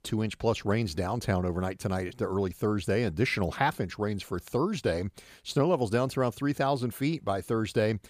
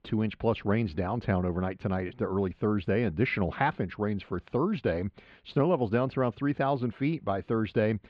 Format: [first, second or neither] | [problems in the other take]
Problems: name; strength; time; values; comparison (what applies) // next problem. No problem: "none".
first | muffled; slightly; fading above 3 kHz